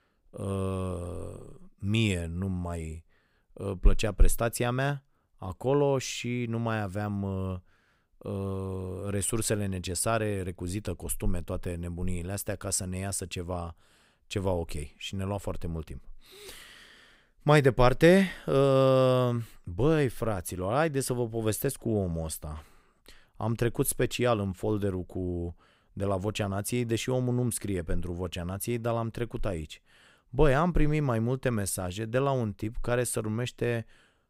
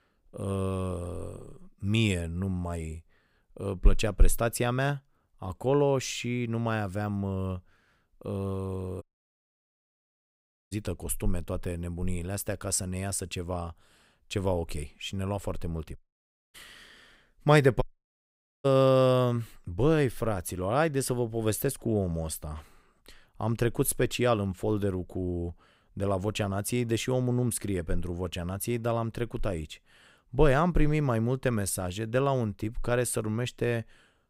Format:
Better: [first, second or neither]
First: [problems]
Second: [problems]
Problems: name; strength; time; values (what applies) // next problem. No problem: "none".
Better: first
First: none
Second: audio cutting out; at 9 s for 1.5 s, at 16 s for 0.5 s and at 18 s for 1 s